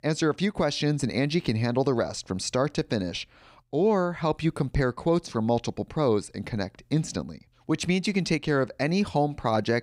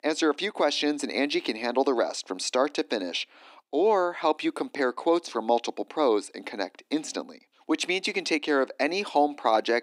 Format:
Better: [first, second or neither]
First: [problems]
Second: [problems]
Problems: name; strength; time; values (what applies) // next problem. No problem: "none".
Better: first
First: none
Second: thin; somewhat; fading below 300 Hz